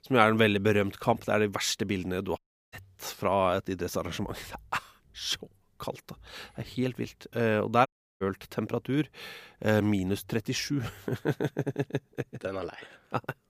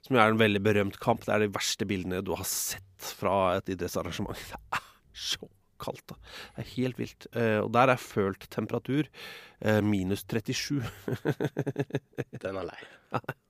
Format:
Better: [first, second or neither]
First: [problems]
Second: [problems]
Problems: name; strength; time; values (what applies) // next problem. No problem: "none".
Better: second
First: audio cutting out; at 2.5 s and at 8 s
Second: none